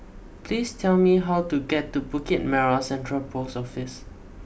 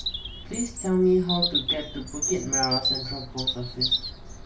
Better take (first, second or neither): first